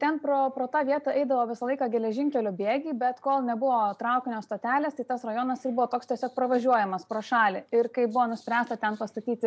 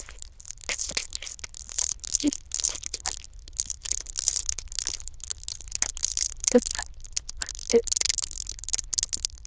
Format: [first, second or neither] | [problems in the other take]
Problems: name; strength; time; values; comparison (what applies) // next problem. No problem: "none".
first | noise reduction (neural diffusion model UNIVERSE++)